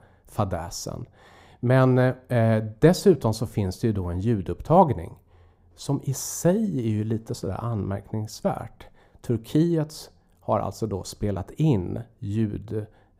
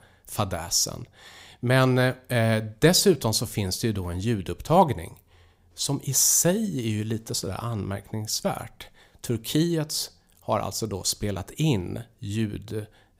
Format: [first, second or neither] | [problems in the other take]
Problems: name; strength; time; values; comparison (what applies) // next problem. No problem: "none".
second | muffled; slightly; fading above 1.5 kHz